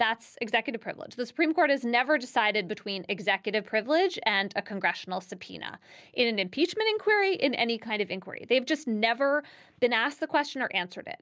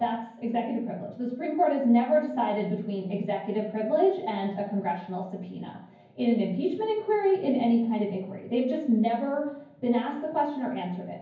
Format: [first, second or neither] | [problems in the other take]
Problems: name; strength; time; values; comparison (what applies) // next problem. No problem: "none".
first | room echo; dies away in 0.9 s